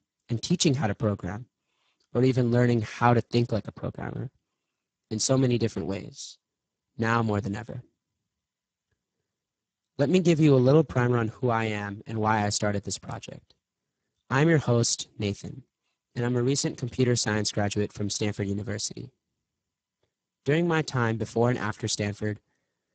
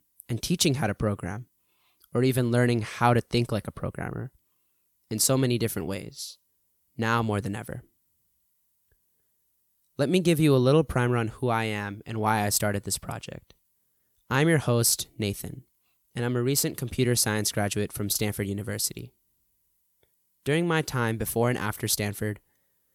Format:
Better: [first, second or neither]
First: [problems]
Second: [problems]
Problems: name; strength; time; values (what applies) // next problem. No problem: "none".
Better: second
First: garbled, watery; badly; nothing above 8 kHz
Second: none